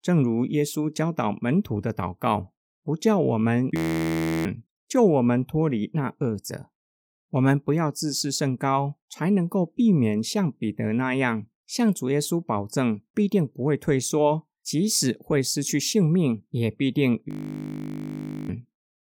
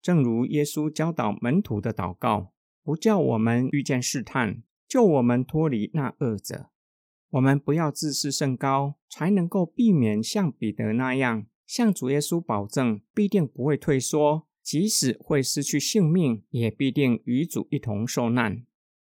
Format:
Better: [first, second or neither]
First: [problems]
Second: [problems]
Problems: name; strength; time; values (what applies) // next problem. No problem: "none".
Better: second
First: audio freezing; at 4 s for 0.5 s and at 17 s for 1 s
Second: none